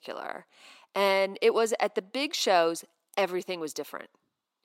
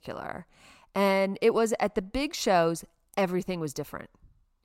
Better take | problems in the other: second | thin; somewhat; fading below 300 Hz

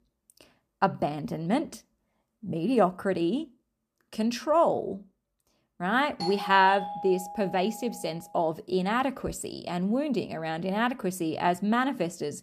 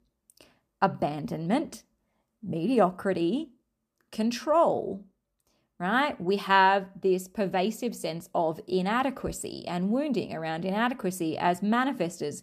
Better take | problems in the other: second | doorbell; noticeable; from 6 to 8 s; peak 7 dB below the speech

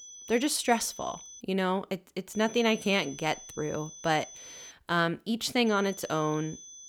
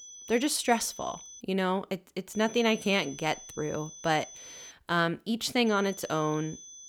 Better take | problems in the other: neither | high-pitched whine; noticeable; until 1.5 s, from 2.5 to 4.5 s and from 5.5 s on; 6 kHz, 15 dB below the speech; the same in both

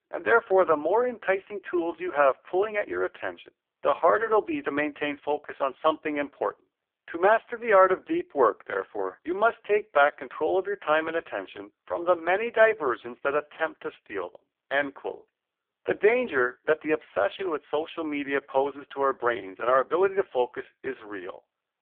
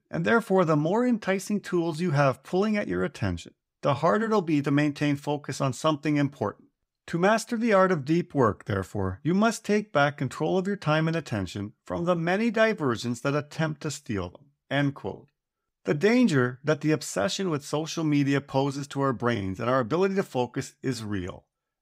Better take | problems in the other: second | phone-call audio; poor line

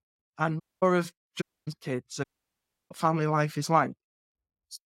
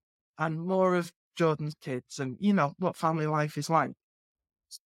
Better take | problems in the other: second | audio cutting out; at 0.5 s, at 1.5 s and at 2 s for 0.5 s

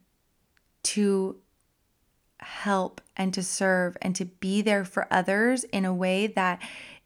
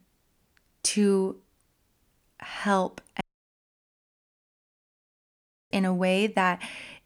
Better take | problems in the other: first | audio cutting out; at 3 s for 2.5 s

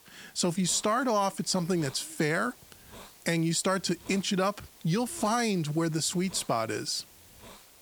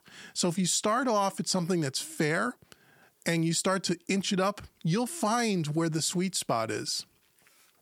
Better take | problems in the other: second | hiss; faint; throughout; 20 dB below the speech

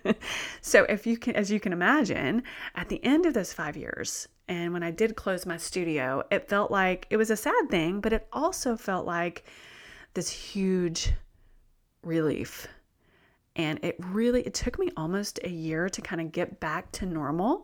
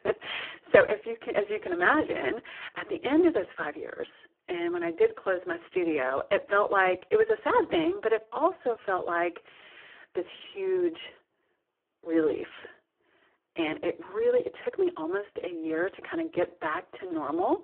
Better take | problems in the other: first | phone-call audio; poor line

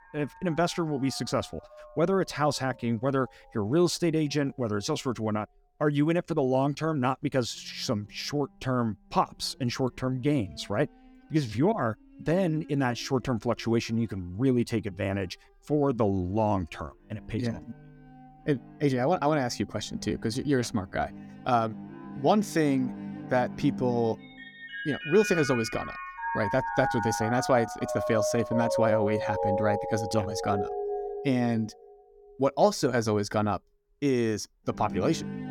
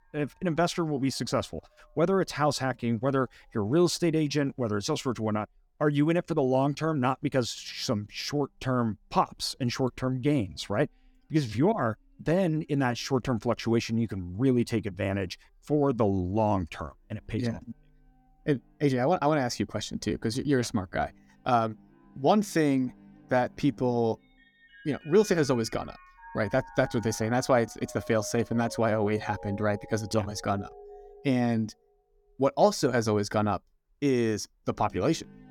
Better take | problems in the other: second | background music; loud; throughout; 6 dB below the speech; faint in the second

